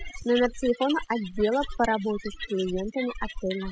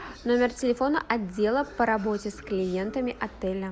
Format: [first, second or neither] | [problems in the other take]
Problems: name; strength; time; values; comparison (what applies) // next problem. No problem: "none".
second | noise reduction (classical method spectral subtraction)